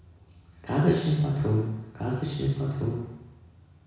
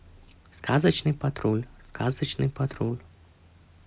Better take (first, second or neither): second